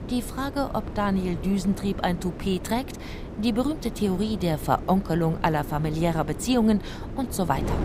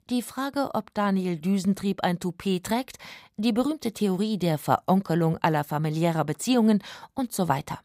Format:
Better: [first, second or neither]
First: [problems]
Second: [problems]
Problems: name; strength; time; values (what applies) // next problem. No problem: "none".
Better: second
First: wind noise on the microphone; occasional gusts; 15 dB below the speech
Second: none